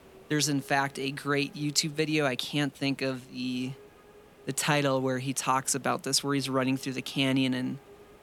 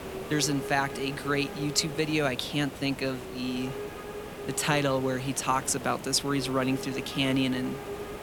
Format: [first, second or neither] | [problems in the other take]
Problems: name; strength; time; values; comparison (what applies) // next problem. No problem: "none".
first | hiss; loud; throughout; 10 dB below the speech; faint in the first